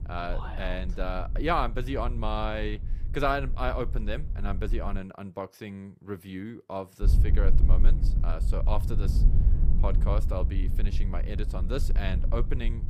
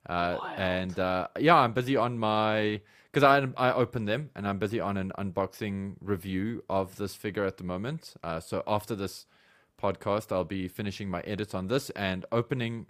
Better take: second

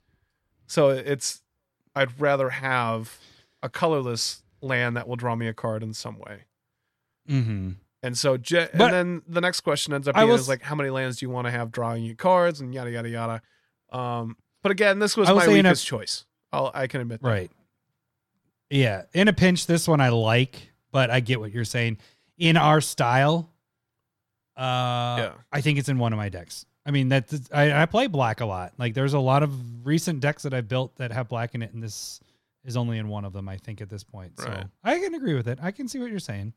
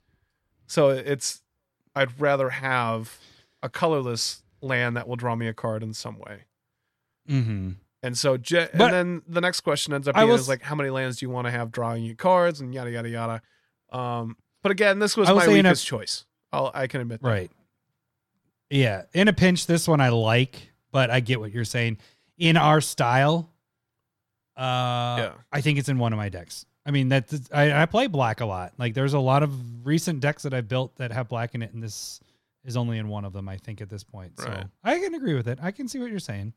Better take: neither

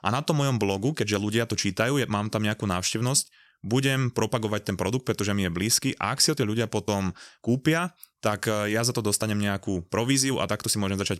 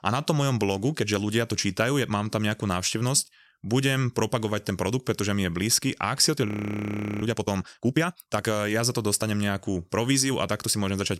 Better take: first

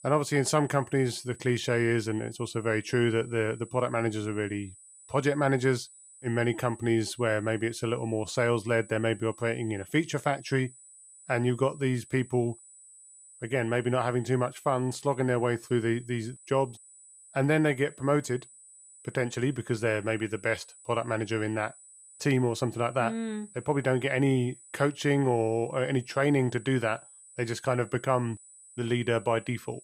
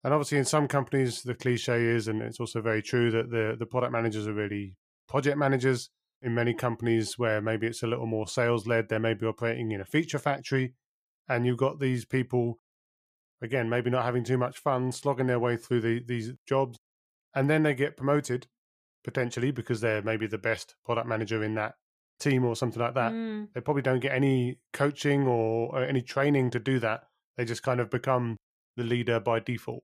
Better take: second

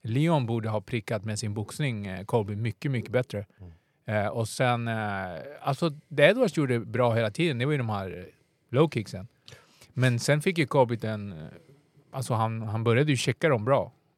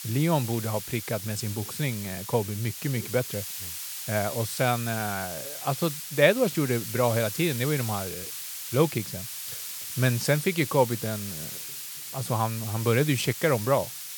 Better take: first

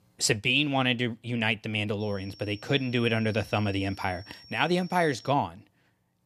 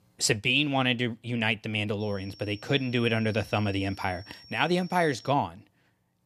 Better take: neither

